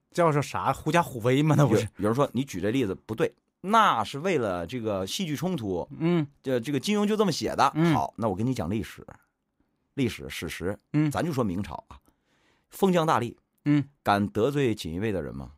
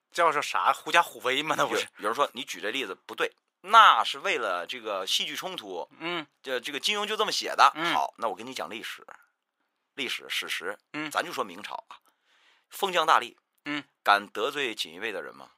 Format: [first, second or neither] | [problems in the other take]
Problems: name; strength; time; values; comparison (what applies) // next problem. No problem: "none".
first | thin; very; fading below 650 Hz